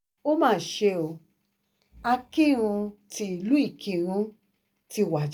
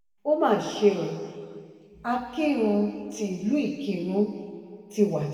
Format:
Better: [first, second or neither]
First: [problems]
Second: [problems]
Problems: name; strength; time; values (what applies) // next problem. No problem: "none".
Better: first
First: none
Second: room echo; dies away in 2 s